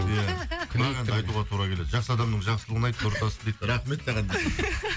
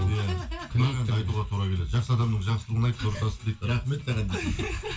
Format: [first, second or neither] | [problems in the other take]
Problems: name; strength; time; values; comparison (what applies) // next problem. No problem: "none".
first | room echo; dies away in 0.2 s